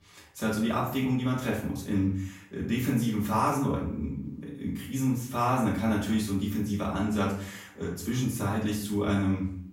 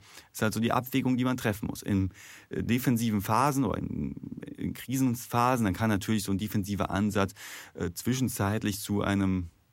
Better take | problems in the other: second | off-mic speech; far // room echo; noticeable; dies away in 0.5 s

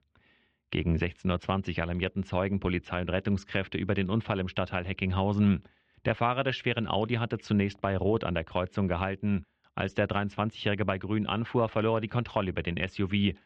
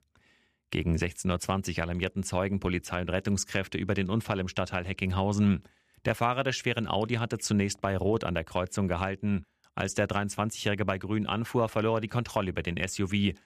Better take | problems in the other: second | muffled; very; fading above 3.5 kHz

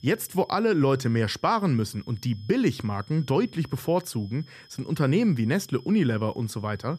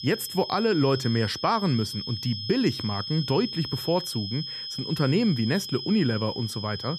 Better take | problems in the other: first | high-pitched whine; loud; throughout; 5 kHz, 7 dB below the speech; faint in the first

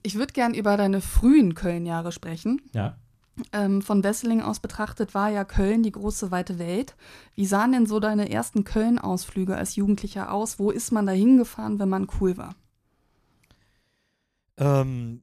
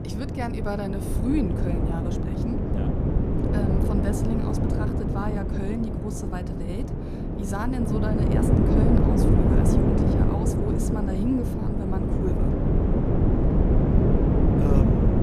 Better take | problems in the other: first | wind noise on the microphone; heavy; 4 dB above the speech

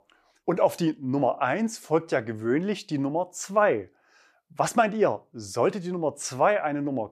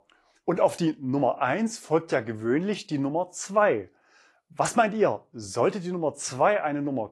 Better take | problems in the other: first | garbled, watery; slightly

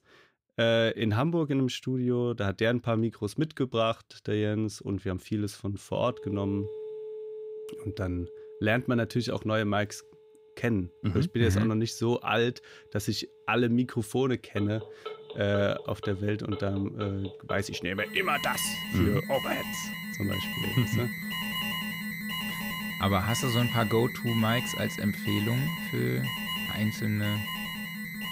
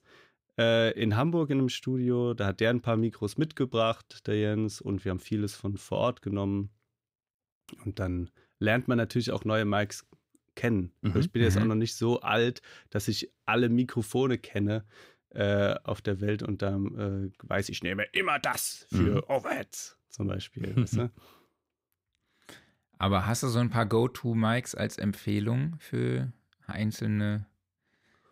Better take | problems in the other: second | alarms or sirens; loud; from 6 s on; 5 dB below the speech

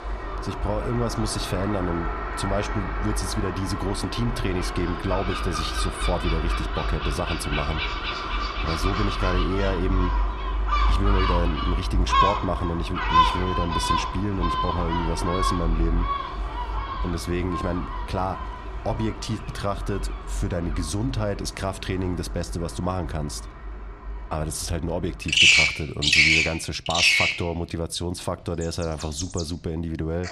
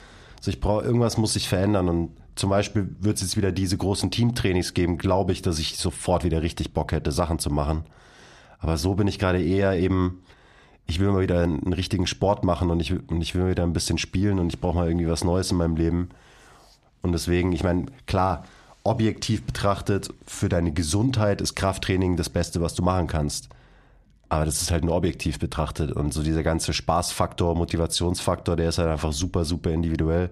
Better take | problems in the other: second | animal sounds; very loud; throughout; 4 dB above the speech

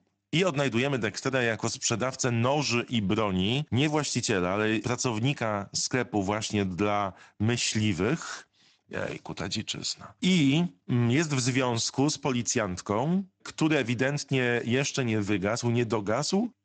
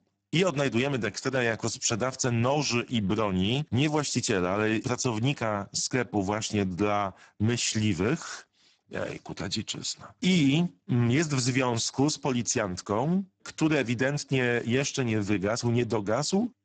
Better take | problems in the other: first | garbled, watery; badly; nothing above 7.5 kHz; slightly in the first

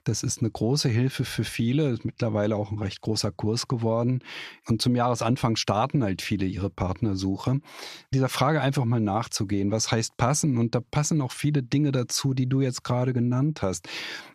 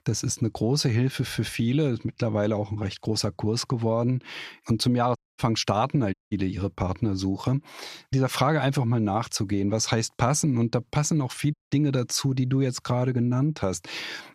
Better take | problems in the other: first | audio cutting out; at 5 s, at 6 s and at 12 s

